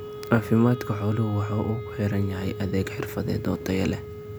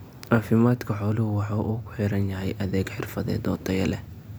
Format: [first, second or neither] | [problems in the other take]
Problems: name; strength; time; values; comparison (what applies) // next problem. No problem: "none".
second | background sound (Wind instrument, woodwind instrument); 12 dB below the speech